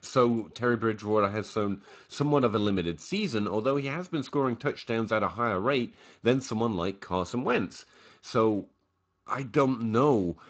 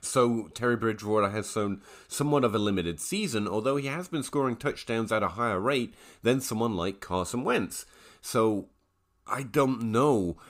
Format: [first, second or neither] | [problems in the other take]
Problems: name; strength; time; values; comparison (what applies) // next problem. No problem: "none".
second | garbled, watery; slightly; nothing above 7.5 kHz